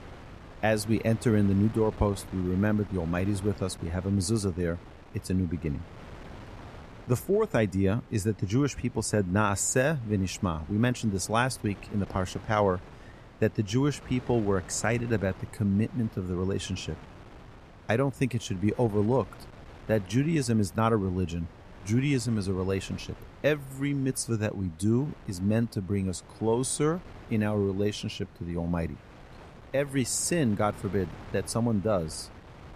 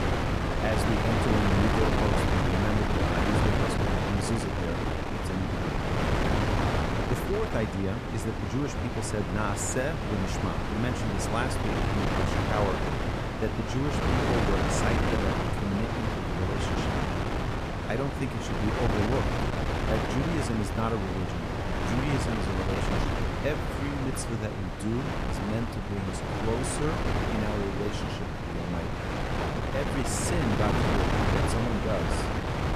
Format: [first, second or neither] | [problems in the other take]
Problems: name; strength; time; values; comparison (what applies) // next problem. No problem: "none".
first | wind noise on the microphone; heavy; 5 dB above the speech; occasional gusts in the first